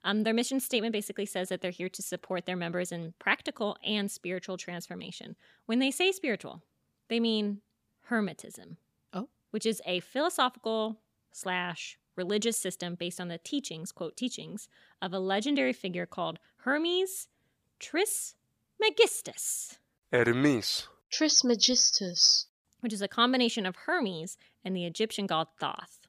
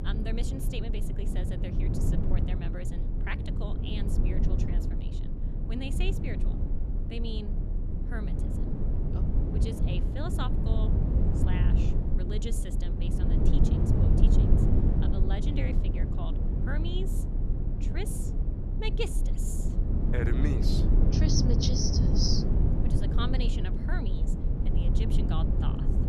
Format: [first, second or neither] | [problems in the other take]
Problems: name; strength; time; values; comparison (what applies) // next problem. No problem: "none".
first | low rumble; loud; throughout; 1 dB below the speech